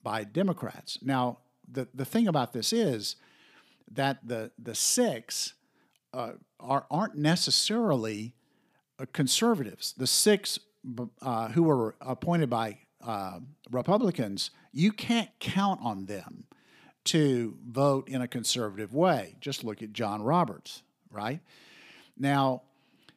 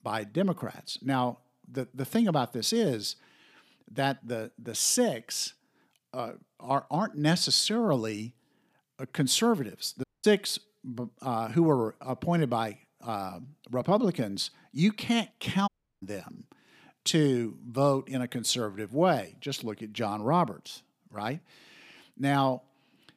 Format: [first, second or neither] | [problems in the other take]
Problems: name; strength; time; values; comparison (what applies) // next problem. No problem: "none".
first | audio cutting out; at 10 s and at 16 s